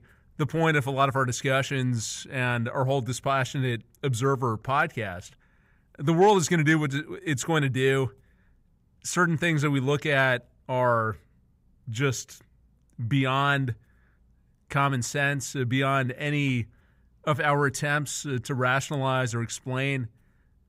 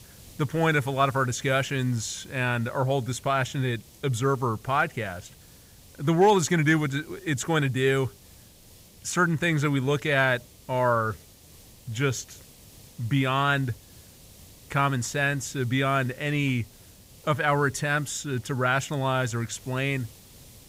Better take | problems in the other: first | hiss; faint; throughout; 25 dB below the speech

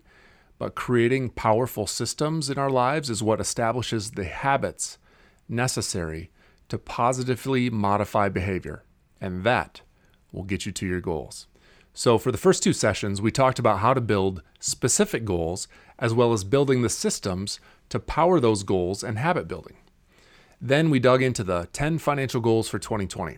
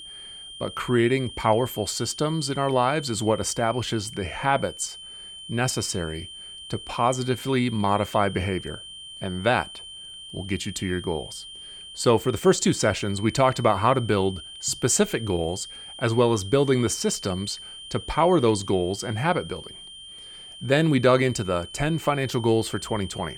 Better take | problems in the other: first | high-pitched whine; noticeable; throughout; 3 kHz, 15 dB below the speech

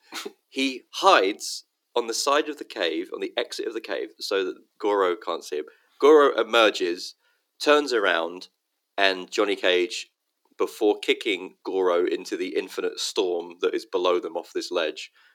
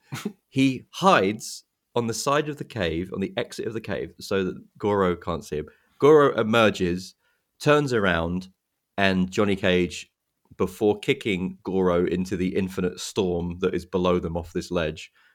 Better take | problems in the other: second | thin; somewhat; fading below 300 Hz

